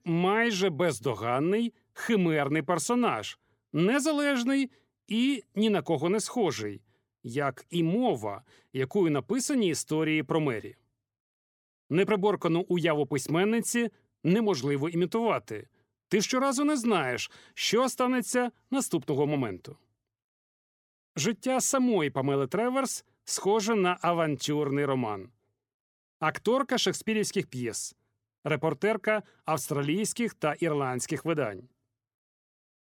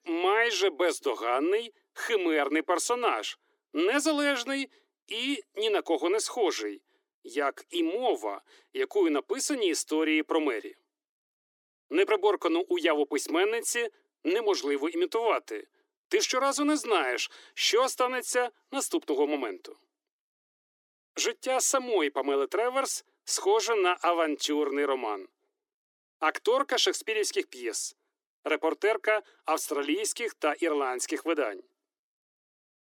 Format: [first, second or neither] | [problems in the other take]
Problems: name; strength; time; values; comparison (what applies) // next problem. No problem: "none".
first | thin; somewhat; fading below 300 Hz